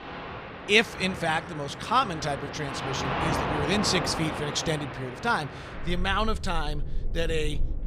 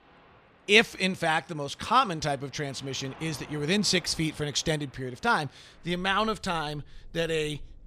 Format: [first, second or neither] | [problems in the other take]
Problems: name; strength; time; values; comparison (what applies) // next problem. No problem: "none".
second | rain or running water; loud; throughout; 6 dB below the speech; faint in the second